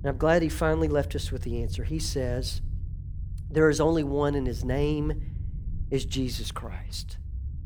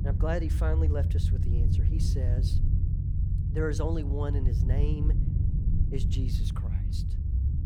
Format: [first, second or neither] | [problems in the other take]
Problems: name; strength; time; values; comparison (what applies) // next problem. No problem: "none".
first | low rumble; loud; throughout; 5 dB below the speech; faint in the first